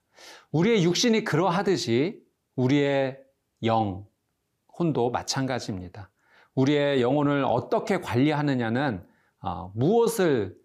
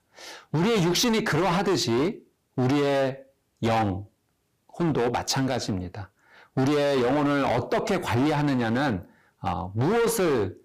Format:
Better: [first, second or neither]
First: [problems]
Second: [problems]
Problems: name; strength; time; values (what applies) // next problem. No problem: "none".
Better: first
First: none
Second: distortion; heavy; 21% of the sound clipped